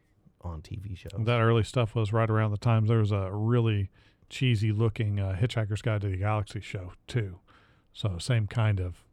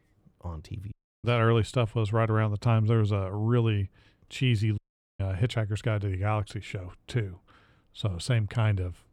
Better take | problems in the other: first | audio cutting out; at 1 s and at 5 s

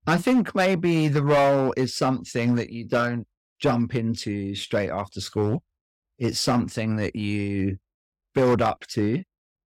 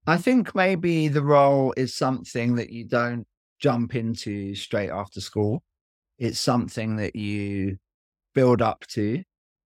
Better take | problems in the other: second | distortion; slight; 5% of the sound clipped

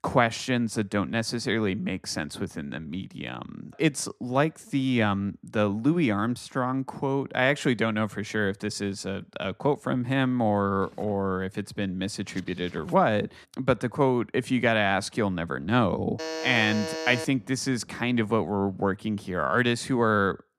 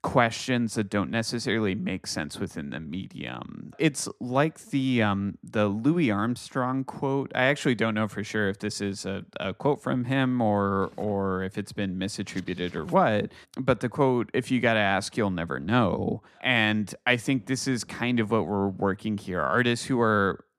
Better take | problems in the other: second | alarm; noticeable; from 16 to 17 s; peak 5 dB below the speech

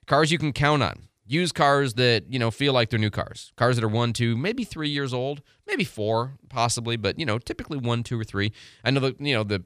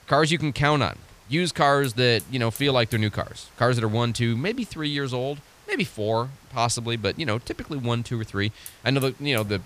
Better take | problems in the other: first | hiss; faint; throughout; 20 dB below the speech

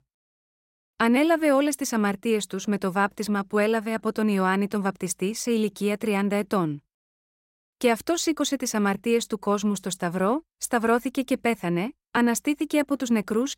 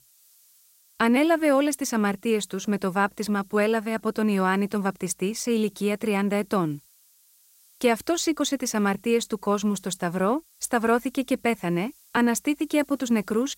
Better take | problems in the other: first | hiss; faint; throughout; 30 dB below the speech

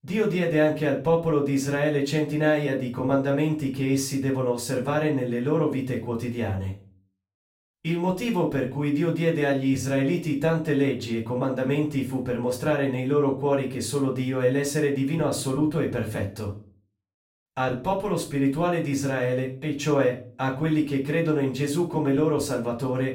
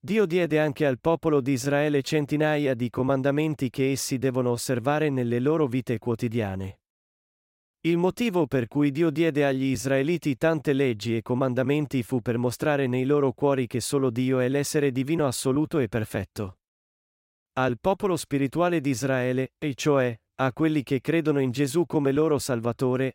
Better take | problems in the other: second | room echo; slight; dies away in 0.3 s // off-mic speech; far

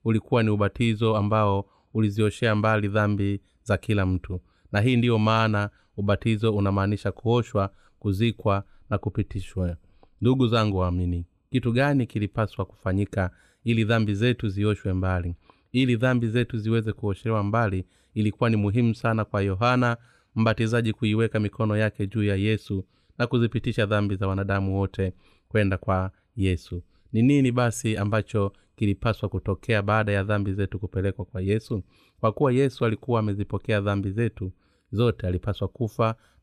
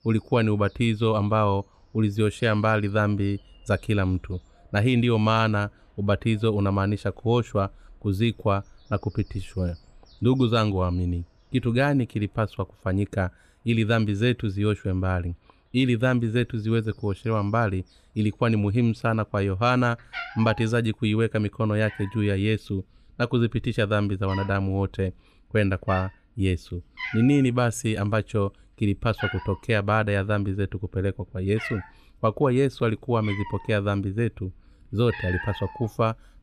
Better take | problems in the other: first | animal sounds; noticeable; throughout; 15 dB below the speech

